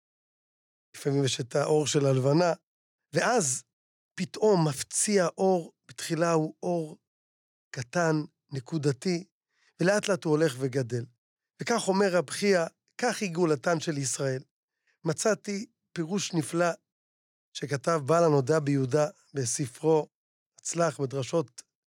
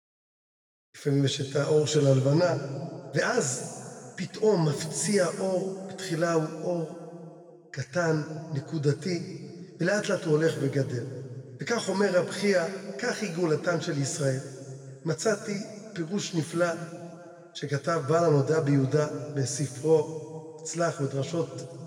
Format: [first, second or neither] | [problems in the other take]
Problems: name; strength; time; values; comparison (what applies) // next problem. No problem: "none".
first | room echo; noticeable; dies away in 1.8 s // off-mic speech; somewhat distant